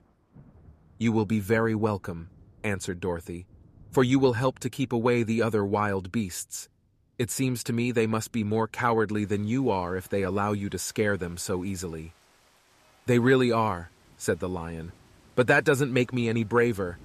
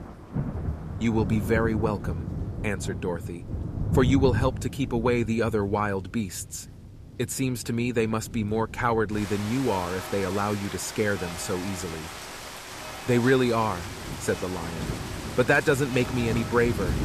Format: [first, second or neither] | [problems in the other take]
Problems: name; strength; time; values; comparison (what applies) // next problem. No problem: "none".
first | rain or running water; loud; throughout; 7 dB below the speech; faint in the first